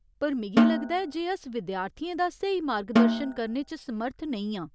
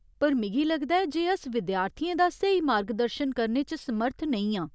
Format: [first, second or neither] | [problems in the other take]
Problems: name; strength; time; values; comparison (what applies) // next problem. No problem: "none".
second | background sound (Snare drum); 3 dB above the speech